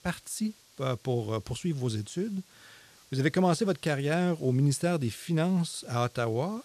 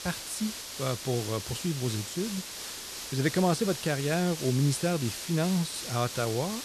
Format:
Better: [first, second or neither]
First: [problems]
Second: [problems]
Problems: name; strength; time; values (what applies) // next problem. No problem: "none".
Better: first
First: hiss; faint; throughout; 25 dB below the speech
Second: hiss; loud; throughout; 7 dB below the speech